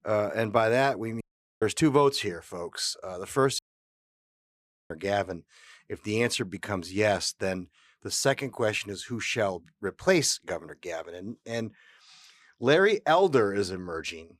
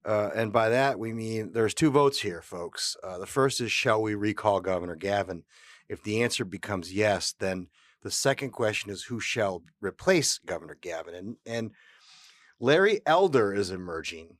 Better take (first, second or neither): second